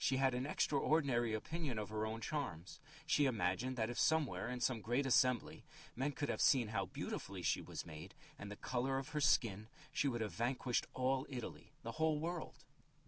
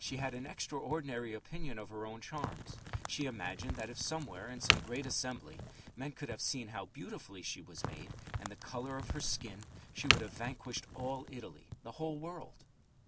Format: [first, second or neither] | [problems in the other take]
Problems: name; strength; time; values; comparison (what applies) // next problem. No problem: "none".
first | background sound (Crack); as loud as the speech